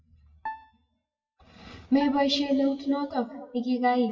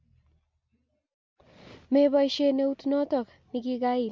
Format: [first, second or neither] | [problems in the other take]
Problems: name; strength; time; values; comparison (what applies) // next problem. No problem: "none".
second | noise reduction (classical method WPE with log-MMSE)